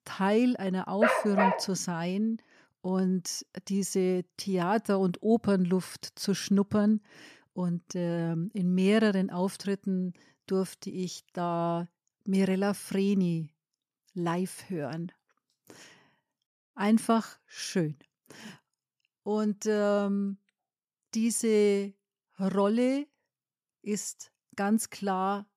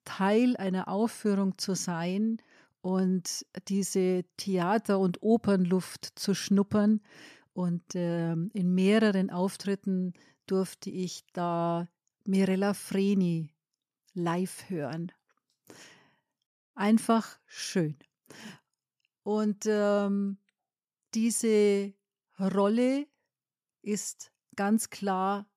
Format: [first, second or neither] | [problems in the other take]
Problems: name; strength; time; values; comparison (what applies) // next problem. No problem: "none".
second | dog barking; loud; at 1 s; peak 3 dB above the speech